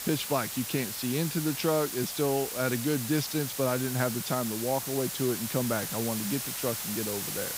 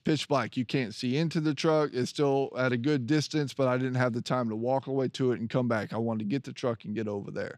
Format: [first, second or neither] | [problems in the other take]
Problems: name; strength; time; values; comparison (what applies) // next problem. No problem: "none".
second | hiss; loud; throughout; 3 dB below the speech